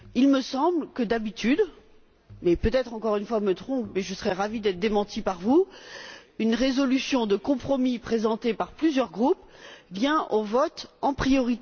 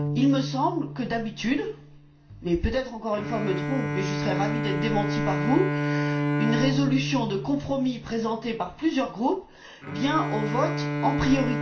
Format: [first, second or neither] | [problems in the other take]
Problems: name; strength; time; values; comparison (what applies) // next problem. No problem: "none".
first | background sound (Bowed string instrument); 2 dB below the speech // room echo; dies away in 0.4 s